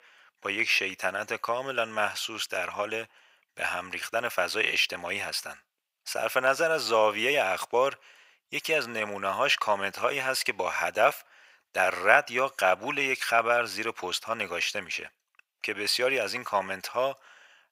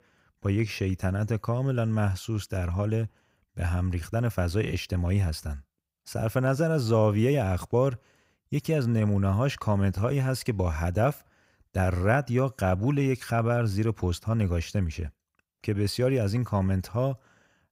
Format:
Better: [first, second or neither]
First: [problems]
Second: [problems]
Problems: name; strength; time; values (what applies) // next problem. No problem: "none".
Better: second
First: thin; very; fading below 750 Hz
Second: none